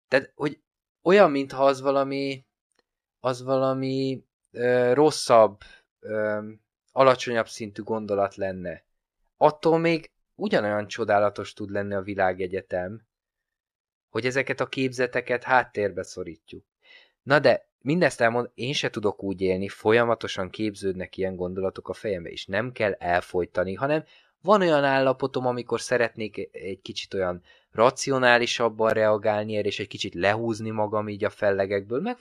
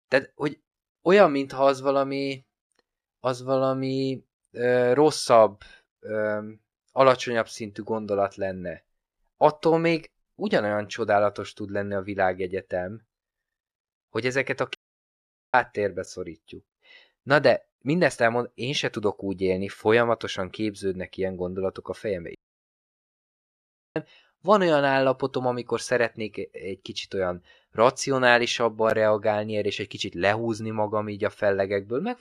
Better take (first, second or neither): first